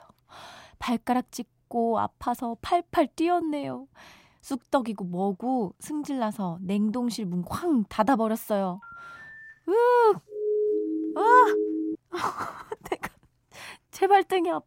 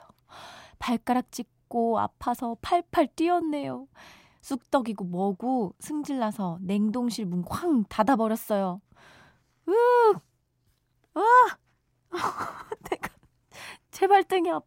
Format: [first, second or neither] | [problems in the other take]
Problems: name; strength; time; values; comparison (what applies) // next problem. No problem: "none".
second | phone ringing; faint; from 8.5 to 9.5 s; peak 15 dB below the speech // siren; loud; from 10 to 12 s; peak 1 dB above the speech